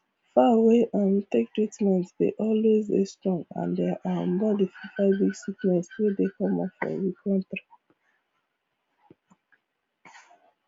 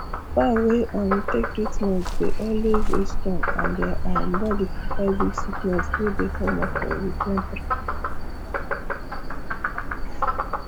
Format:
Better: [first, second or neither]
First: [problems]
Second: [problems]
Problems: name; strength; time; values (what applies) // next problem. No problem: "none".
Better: first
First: none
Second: background sound (Frog); 3 dB above the speech